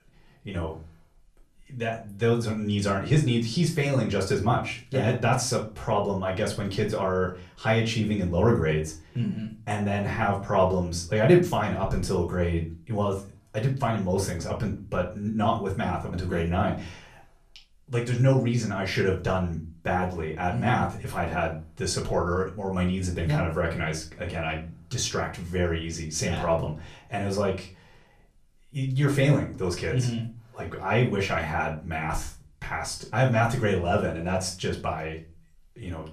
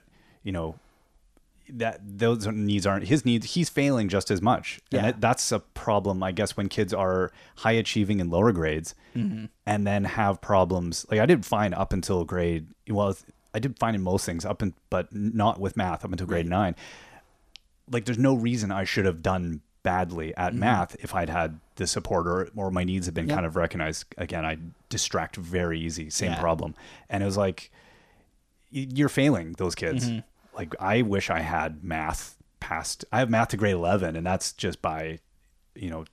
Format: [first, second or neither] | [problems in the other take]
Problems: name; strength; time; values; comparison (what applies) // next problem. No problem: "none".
second | off-mic speech; far // room echo; slight; dies away in 0.3 s